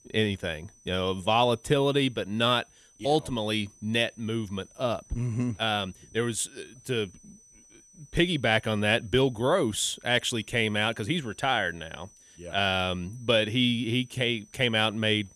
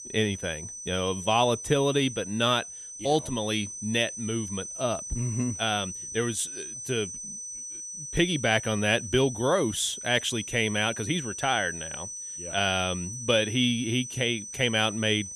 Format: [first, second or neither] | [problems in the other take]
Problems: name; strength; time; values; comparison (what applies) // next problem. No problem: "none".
first | high-pitched whine; loud; throughout; 6 kHz, 9 dB below the speech; faint in the first